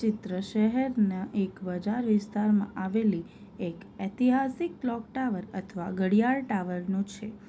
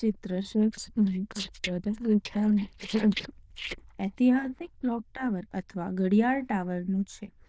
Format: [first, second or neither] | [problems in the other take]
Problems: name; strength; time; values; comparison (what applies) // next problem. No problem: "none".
first | noise reduction (neural diffusion model UNIVERSE++)